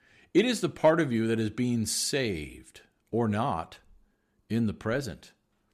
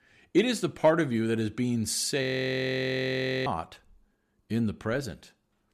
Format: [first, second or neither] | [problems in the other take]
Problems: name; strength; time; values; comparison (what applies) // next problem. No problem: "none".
first | audio freezing; at 2 s for 1 s